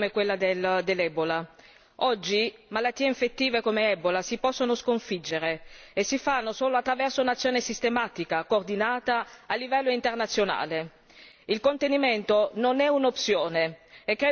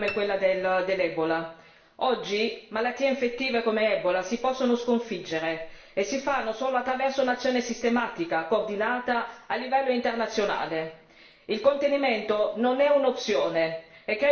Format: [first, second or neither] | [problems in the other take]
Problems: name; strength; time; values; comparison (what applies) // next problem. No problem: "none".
first | background sound (Piano); 17 dB below the speech // room echo; dies away in 0.7 s